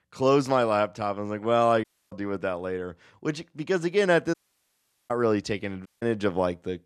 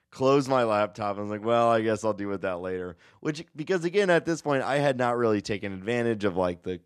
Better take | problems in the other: second | audio cutting out; at 2 s, at 4.5 s for 1 s and at 6 s

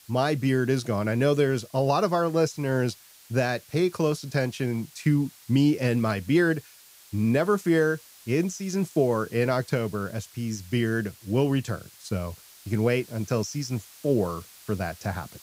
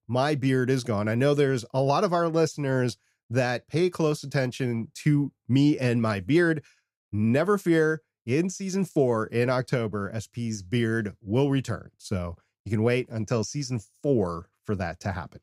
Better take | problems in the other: second | hiss; faint; throughout; 25 dB below the speech

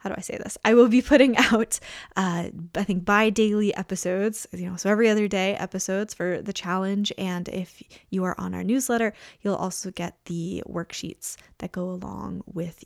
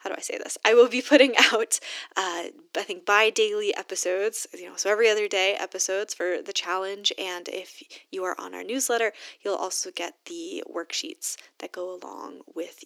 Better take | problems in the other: first | thin; somewhat; fading below 300 Hz

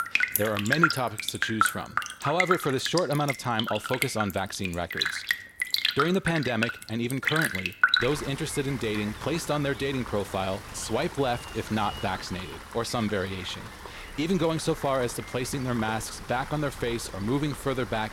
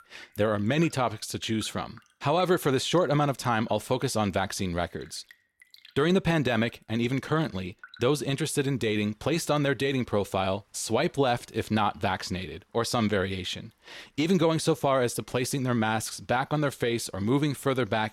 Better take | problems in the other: second | rain or running water; loud; throughout; 1 dB below the speech; faint in the second

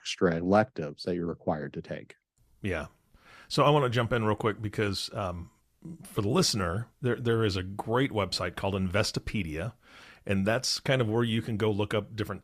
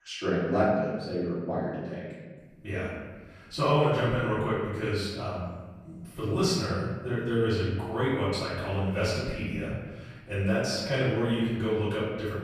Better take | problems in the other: first | off-mic speech; far // room echo; strong; dies away in 1.4 s

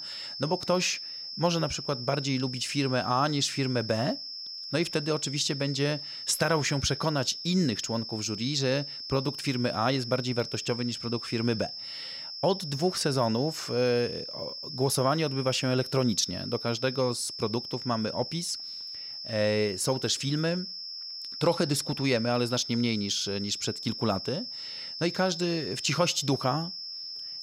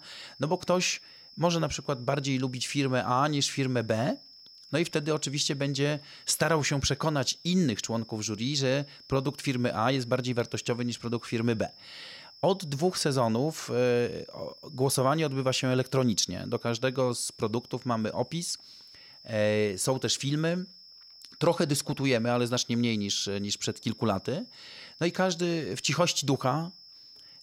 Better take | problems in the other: second | high-pitched whine; loud; throughout; 5.5 kHz, 7 dB below the speech; faint in the second

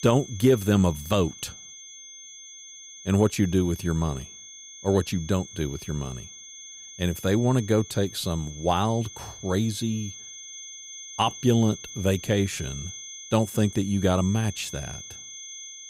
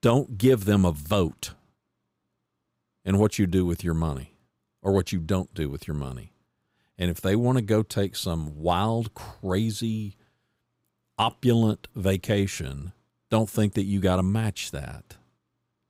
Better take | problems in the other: second | high-pitched whine; noticeable; throughout; 6.5 kHz, 15 dB below the speech

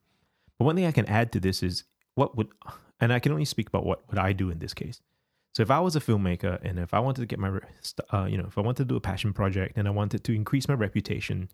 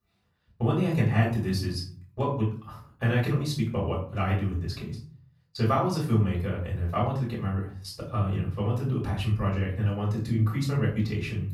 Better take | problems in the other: first | room echo; slight; dies away in 0.4 s // off-mic speech; far

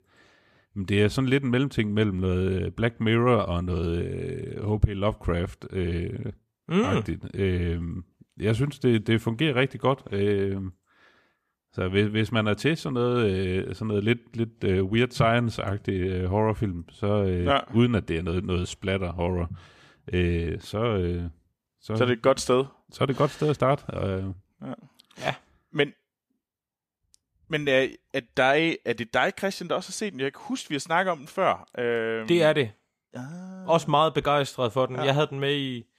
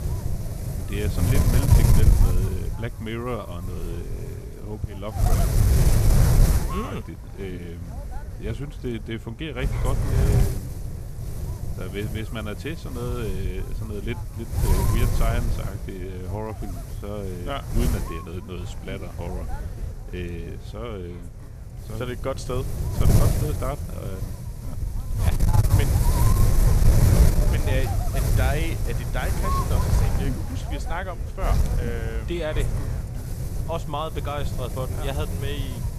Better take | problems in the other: first | wind noise on the microphone; heavy; as loud as the speech

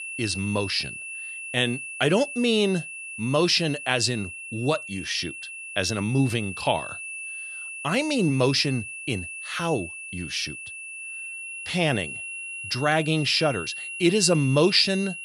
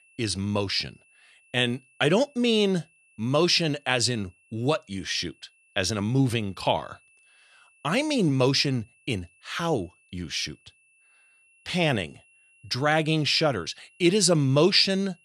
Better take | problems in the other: second | high-pitched whine; loud; throughout; 2.5 kHz, 9 dB below the speech; faint in the second

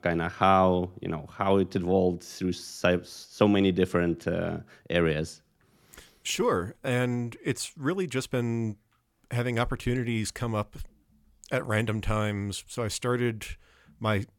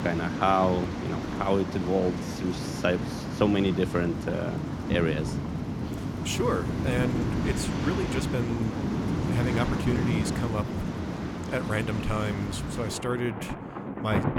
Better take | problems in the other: first | rain or running water; loud; throughout; 2 dB below the speech

